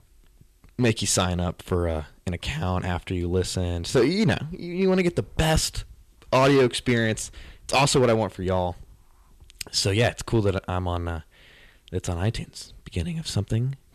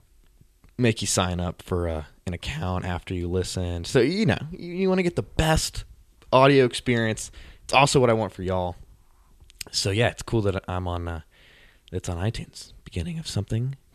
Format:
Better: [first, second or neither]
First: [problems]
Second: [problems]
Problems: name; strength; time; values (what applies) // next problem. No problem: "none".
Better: second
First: distortion; slight; 3% of the sound clipped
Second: none